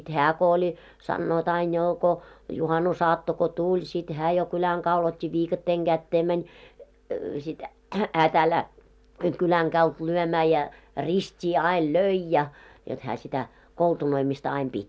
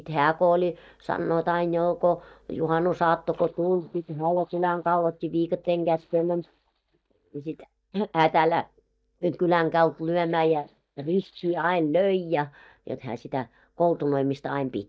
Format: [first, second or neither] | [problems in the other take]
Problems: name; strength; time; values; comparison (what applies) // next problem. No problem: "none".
first | noise reduction (neural mask model DeepFilterNet 3)